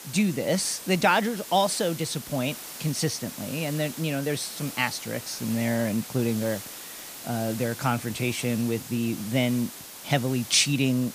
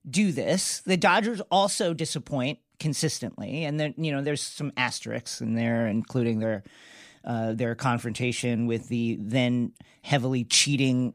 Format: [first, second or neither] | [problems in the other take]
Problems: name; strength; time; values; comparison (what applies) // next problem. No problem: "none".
second | hiss; noticeable; throughout; 10 dB below the speech